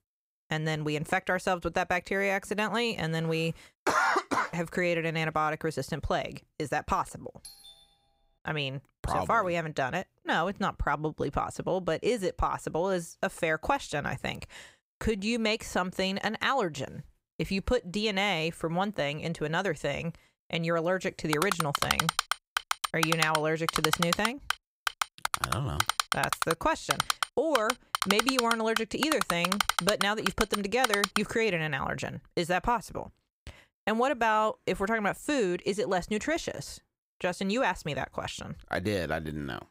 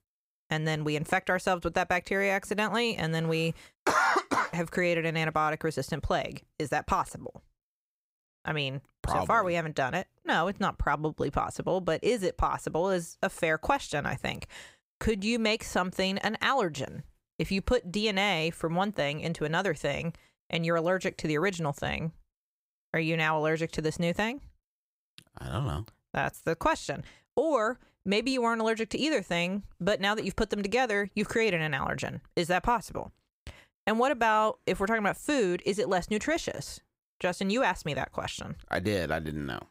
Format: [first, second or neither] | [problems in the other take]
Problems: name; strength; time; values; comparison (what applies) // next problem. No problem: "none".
second | doorbell; faint; at 7.5 s; peak 15 dB below the speech // keyboard typing; loud; from 21 to 31 s; peak 3 dB above the speech